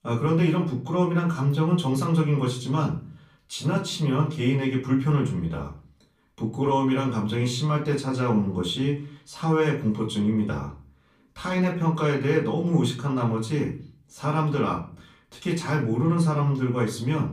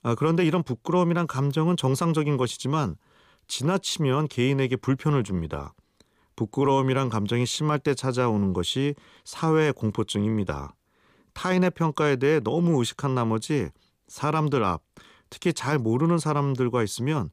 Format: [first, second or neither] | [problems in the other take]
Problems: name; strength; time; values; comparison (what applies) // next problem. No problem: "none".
second | off-mic speech; far // room echo; slight; dies away in 0.4 s